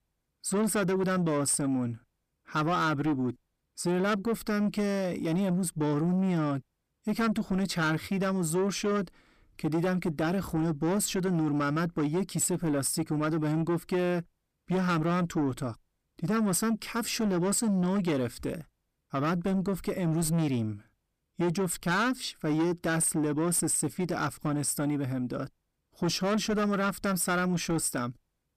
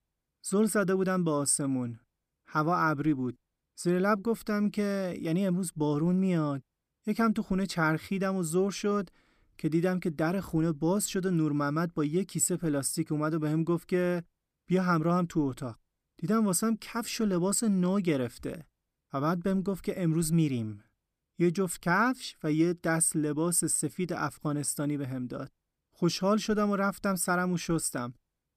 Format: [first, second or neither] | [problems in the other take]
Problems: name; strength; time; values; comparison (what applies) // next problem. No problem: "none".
second | distortion; slight; 10 dB below the speech